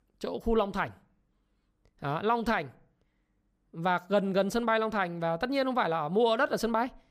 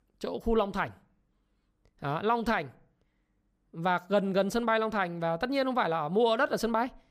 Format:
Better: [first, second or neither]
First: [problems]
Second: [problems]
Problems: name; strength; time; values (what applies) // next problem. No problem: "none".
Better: neither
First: none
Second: none